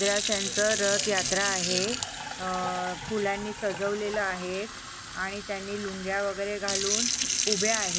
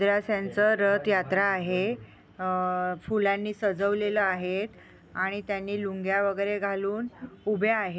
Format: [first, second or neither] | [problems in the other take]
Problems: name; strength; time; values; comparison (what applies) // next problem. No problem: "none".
second | background sound (Fill (with liquid) / Sink (filling or washing)); 1 dB below the speech